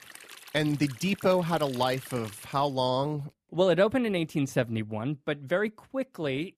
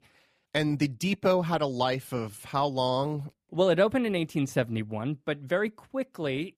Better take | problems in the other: second | rain or running water; noticeable; until 2.5 s; 15 dB below the speech

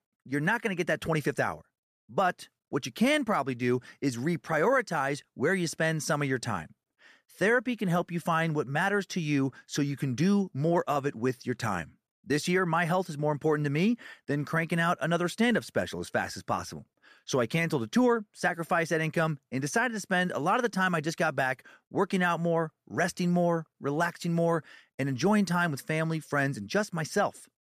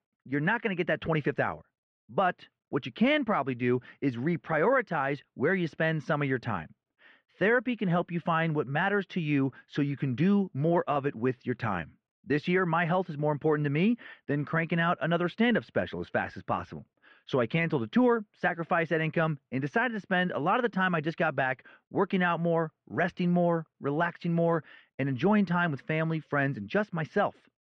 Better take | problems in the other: first | muffled; very; fading above 3 kHz

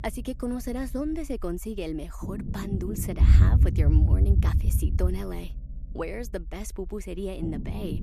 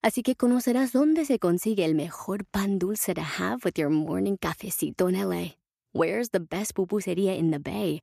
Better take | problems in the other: second | low rumble; loud; throughout; 3 dB below the speech

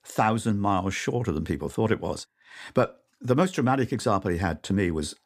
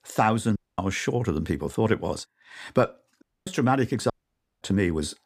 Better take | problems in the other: first | audio cutting out; at 0.5 s, at 3 s and at 4 s for 0.5 s

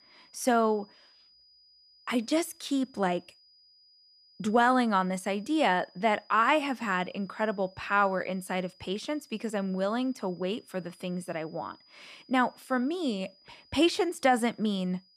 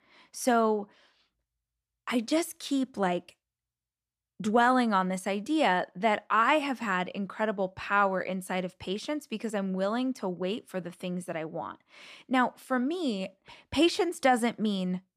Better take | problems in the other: second | high-pitched whine; faint; throughout; 5 kHz, 30 dB below the speech

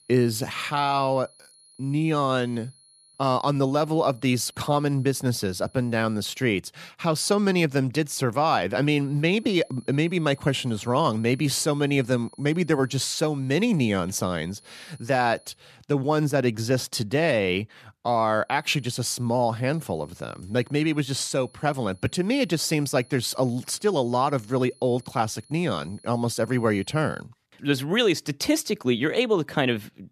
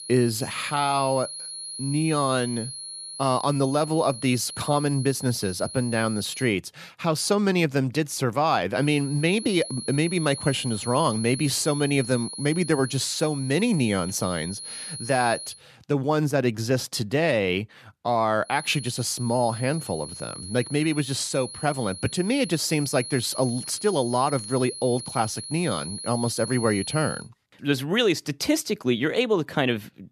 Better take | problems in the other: first | high-pitched whine; loud; until 6.5 s, from 9 to 16 s and from 18 to 27 s; 10.5 kHz, 10 dB below the speech; faint in the first

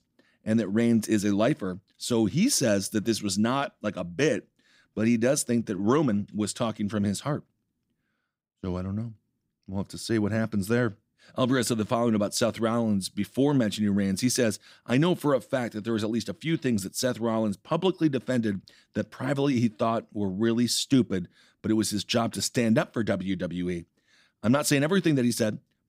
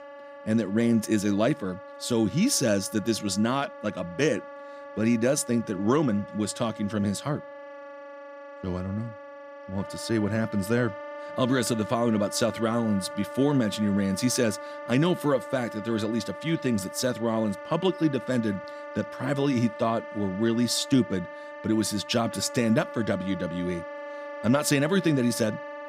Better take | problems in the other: first | background music; noticeable; throughout; 15 dB below the speech

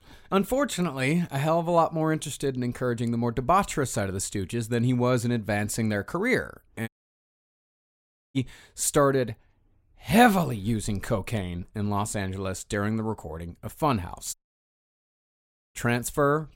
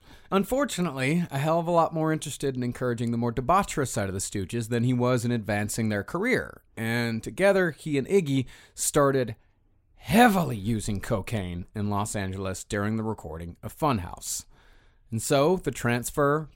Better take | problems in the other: second | audio cutting out; at 7 s for 1.5 s and at 14 s for 1.5 s

